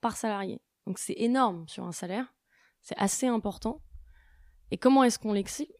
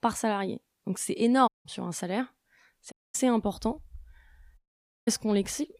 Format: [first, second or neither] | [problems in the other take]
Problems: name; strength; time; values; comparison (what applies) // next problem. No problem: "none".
first | audio cutting out; at 1.5 s, at 3 s and at 4.5 s